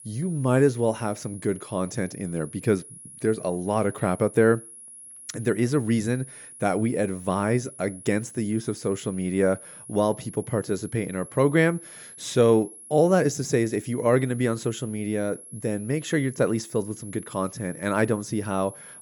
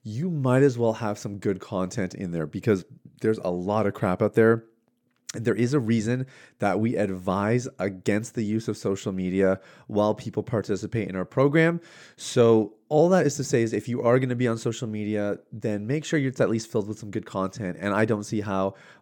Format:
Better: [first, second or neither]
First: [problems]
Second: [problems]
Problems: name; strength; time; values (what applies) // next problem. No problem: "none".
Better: second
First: high-pitched whine; noticeable; throughout; 10.5 kHz, 15 dB below the speech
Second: none